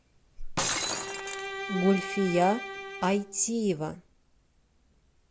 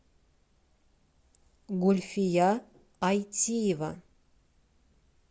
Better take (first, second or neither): second